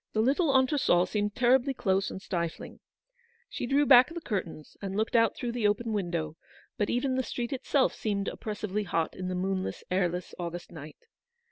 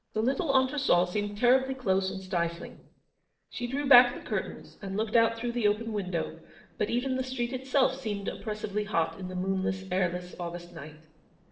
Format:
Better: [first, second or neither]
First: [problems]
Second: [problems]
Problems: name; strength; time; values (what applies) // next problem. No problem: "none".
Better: first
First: none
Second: noise reduction (neural separator model SepFormer DNS4)